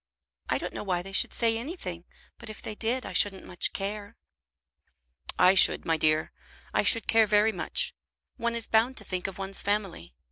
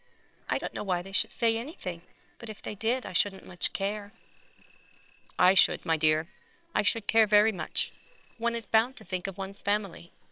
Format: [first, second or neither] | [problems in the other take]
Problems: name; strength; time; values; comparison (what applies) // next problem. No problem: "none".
first | noise reduction (neural separator model SepFormer WHAMR!)